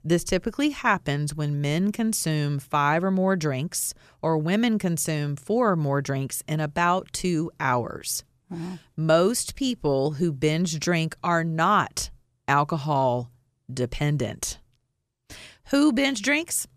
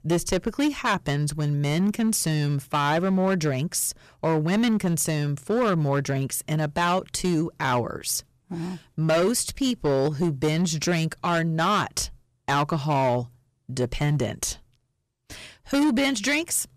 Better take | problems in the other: first | distortion; slight; 8% of the sound clipped

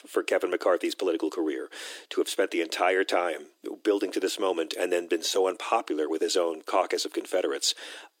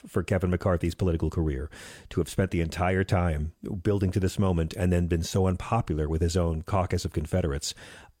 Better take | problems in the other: second | thin; very; fading below 300 Hz

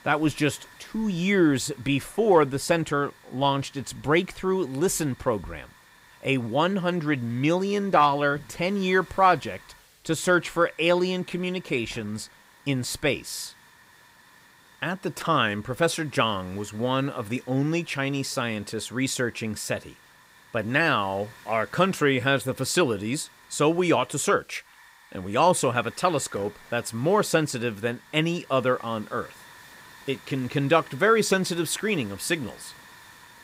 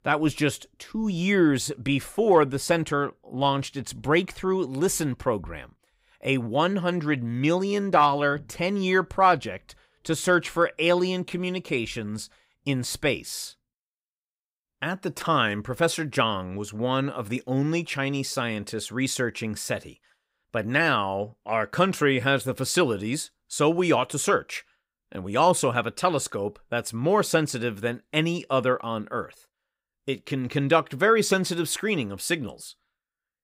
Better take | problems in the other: second | hiss; faint; throughout; 25 dB below the speech

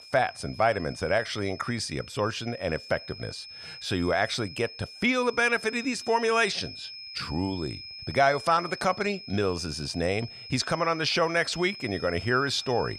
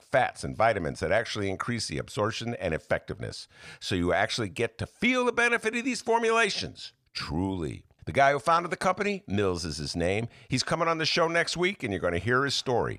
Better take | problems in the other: second | high-pitched whine; noticeable; throughout; 5 kHz, 15 dB below the speech

